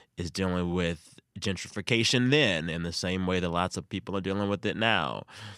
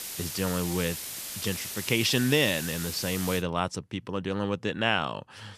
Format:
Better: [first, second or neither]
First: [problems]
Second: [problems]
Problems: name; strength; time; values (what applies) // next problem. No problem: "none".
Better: first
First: none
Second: hiss; loud; until 3.5 s; 6 dB below the speech